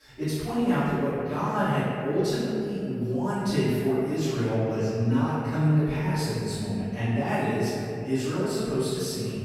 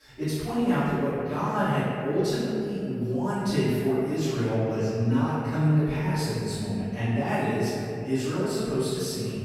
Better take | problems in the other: neither | off-mic speech; far; the same in both // room echo; strong; dies away in 2.5 s; the same in both

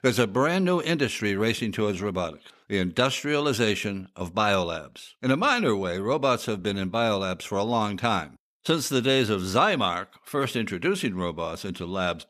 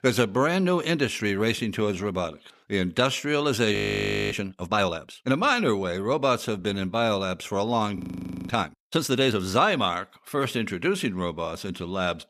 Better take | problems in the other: first | audio freezing; at 3.5 s for 0.5 s and at 8 s for 0.5 s

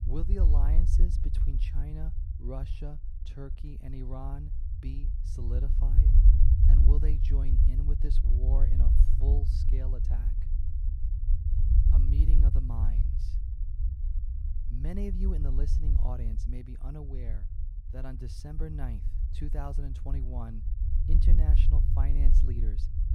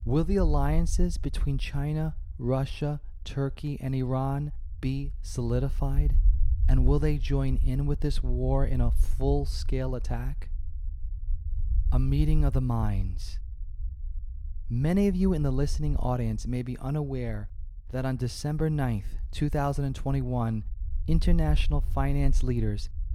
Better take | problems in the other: second | low rumble; loud; throughout; 1 dB below the speech; faint in the second

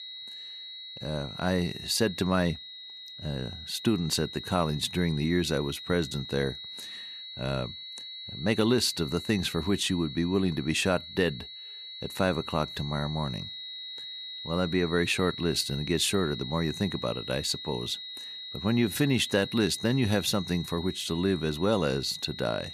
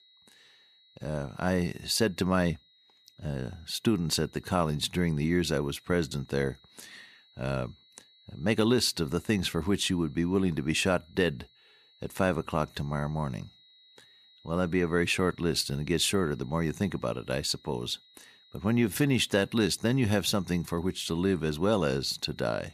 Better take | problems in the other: second | high-pitched whine; loud; throughout; 4 kHz, 10 dB below the speech; faint in the second

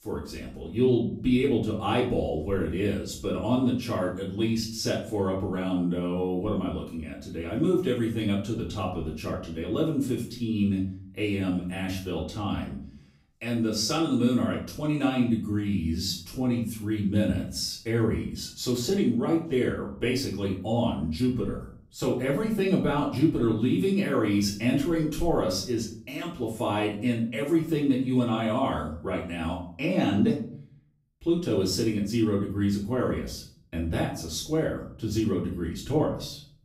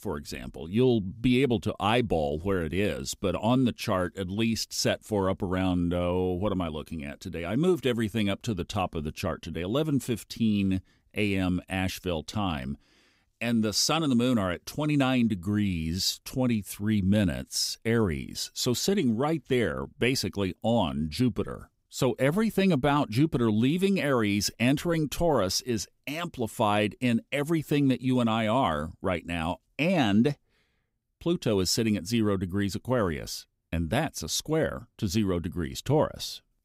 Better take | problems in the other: second | off-mic speech; far // room echo; slight; dies away in 0.5 s

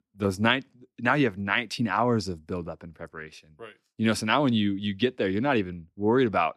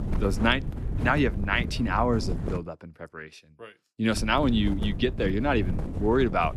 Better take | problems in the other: first | wind noise on the microphone; occasional gusts; until 2.5 s and from 4 s on; 15 dB below the speech

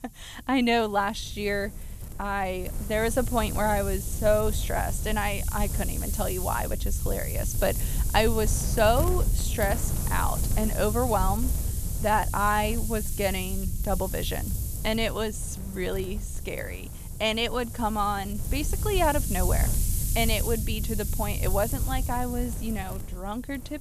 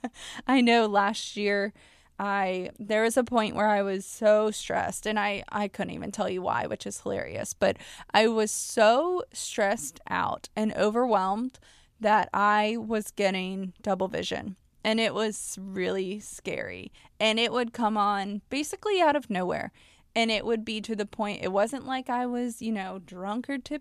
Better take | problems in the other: second | wind noise on the microphone; occasional gusts; 10 dB below the speech

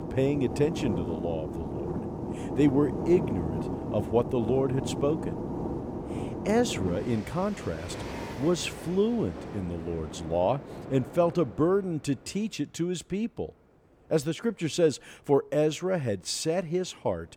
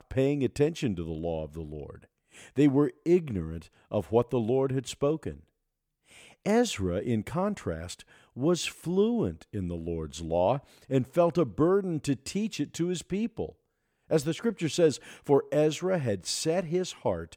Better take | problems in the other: second | train or aircraft noise; loud; throughout; 7 dB below the speech

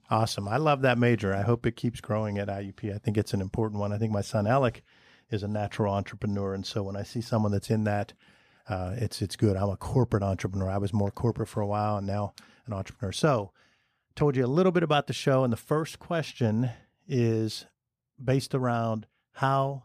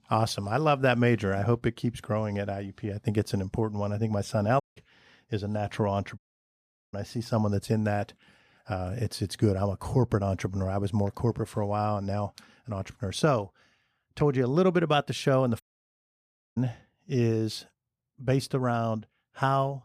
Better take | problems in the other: first | audio cutting out; at 4.5 s, at 6 s for 1 s and at 16 s for 1 s

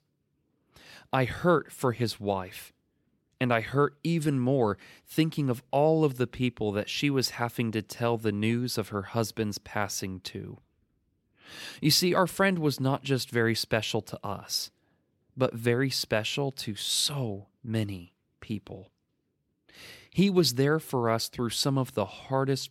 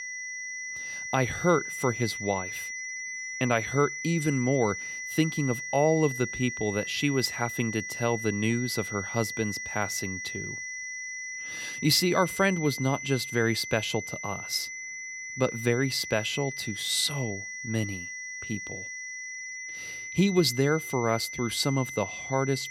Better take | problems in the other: first | high-pitched whine; loud; throughout; 2 kHz, 7 dB below the speech

